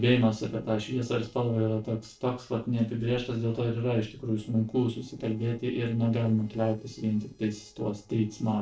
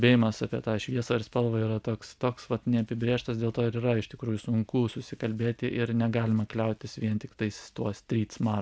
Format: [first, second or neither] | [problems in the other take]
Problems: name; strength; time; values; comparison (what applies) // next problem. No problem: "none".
second | noise reduction (neural separator model SepFormer DNS4)